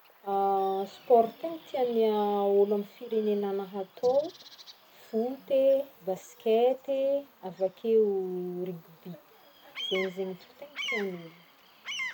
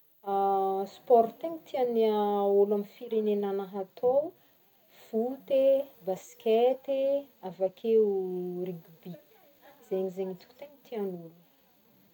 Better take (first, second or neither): second